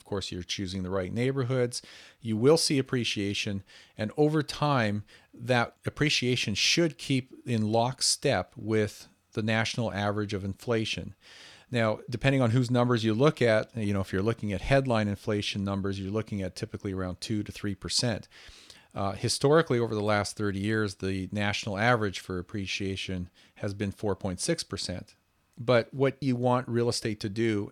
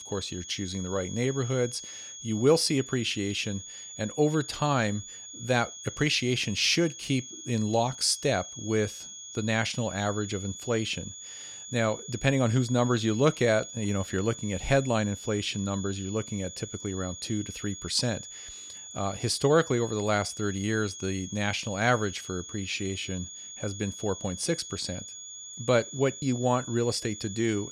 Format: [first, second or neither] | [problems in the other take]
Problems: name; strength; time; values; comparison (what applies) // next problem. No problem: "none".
first | high-pitched whine; noticeable; throughout; 6.5 kHz, 10 dB below the speech